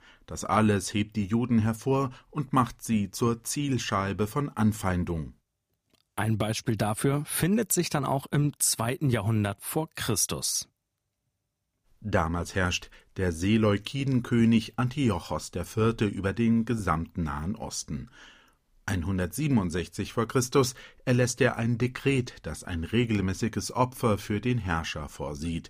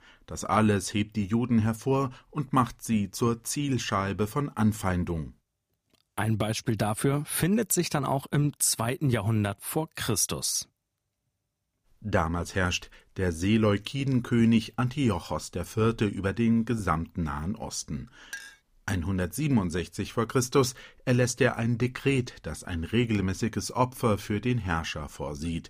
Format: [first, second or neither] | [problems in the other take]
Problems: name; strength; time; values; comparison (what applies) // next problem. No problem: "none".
first | clattering dishes; faint; at 18 s; peak 15 dB below the speech